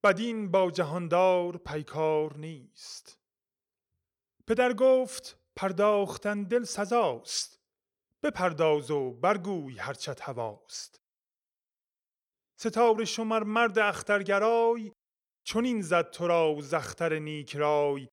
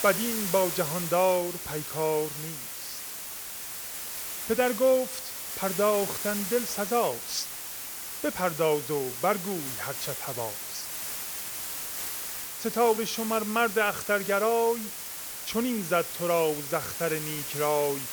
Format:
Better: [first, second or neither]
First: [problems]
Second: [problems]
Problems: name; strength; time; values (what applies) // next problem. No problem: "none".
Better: first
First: none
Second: hiss; loud; throughout; 5 dB below the speech